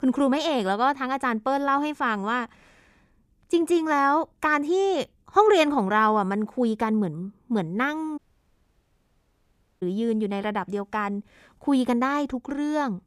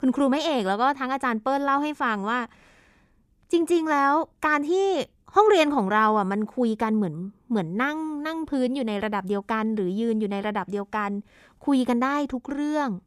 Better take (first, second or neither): second